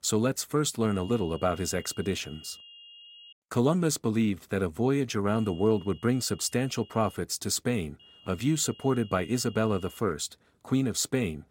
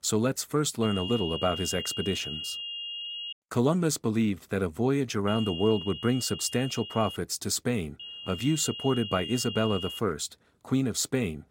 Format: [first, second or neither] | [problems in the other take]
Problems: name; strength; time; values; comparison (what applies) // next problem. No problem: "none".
first | high-pitched whine; loud; from 1 to 3.5 s, from 5.5 to 7 s and from 8 to 10 s; 3 kHz, 8 dB below the speech; faint in the first